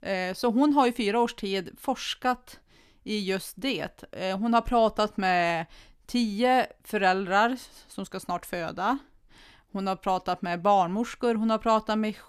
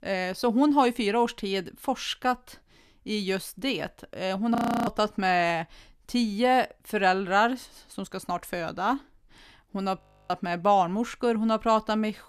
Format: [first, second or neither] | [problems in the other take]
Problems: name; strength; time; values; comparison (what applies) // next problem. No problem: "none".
first | audio freezing; at 4.5 s and at 10 s